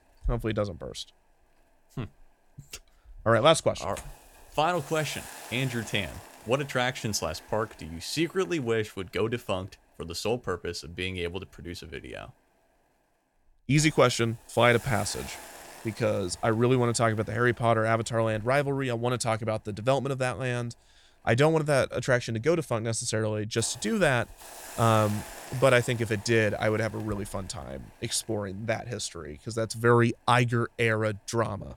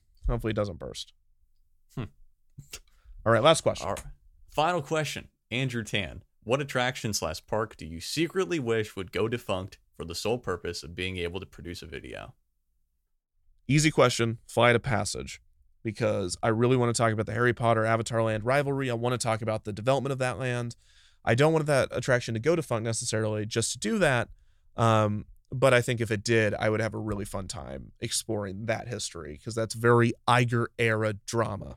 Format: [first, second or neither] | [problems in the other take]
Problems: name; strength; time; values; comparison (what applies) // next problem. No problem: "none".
second | hiss; noticeable; throughout; 20 dB below the speech